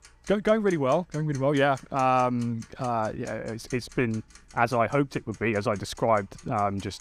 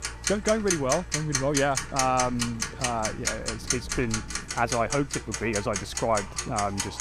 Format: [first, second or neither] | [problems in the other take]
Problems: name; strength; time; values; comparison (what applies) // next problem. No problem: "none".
first | household noises; loud; throughout; 2 dB below the speech; faint in the first